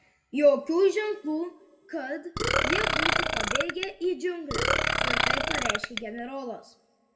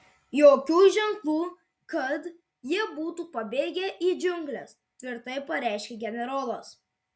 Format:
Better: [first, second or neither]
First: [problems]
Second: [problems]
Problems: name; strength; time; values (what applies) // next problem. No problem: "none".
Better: second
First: background sound (Burping, eructation); 3 dB above the speech // room echo; dies away in 1 s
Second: none